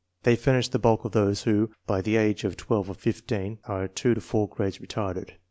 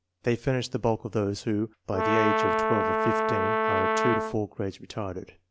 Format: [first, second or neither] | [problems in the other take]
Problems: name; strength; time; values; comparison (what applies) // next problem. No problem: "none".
first | background sound (Brass instrument); 4 dB above the speech